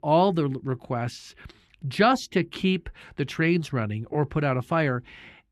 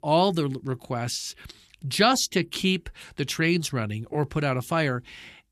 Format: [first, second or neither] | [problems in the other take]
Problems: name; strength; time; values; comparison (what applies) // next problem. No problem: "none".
second | muffled; slightly; fading above 3.5 kHz